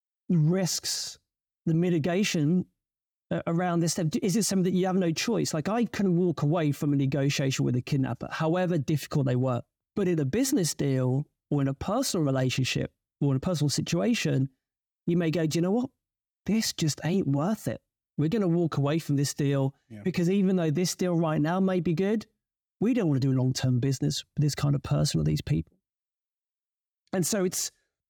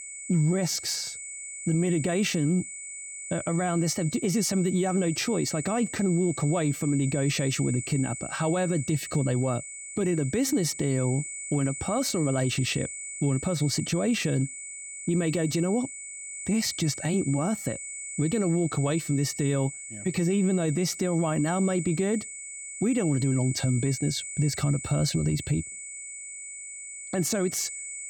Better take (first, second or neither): first